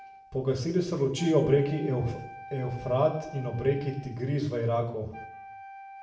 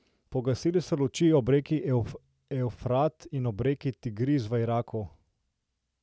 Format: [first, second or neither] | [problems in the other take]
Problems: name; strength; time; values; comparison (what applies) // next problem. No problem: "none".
second | background sound (Wind instrument, woodwind instrument); 17 dB below the speech // room echo; dies away in 0.7 s